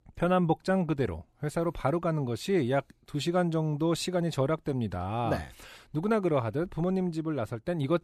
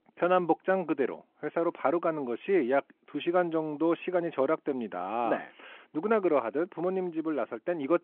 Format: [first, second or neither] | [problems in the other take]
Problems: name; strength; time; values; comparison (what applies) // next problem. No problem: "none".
first | phone-call audio